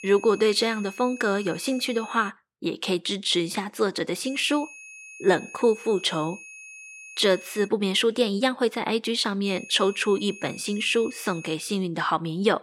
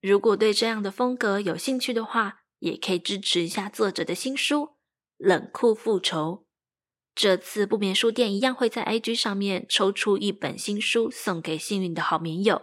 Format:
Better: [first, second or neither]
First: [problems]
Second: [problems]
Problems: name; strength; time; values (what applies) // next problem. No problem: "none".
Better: second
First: high-pitched whine; noticeable; until 2.5 s, from 4 to 7.5 s and from 9.5 to 12 s; 2.5 kHz, 15 dB below the speech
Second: none